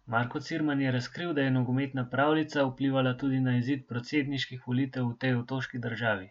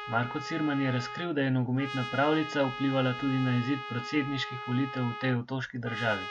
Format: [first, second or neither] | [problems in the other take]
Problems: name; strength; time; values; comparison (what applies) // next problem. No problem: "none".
first | background sound (Trumpet); 10 dB below the speech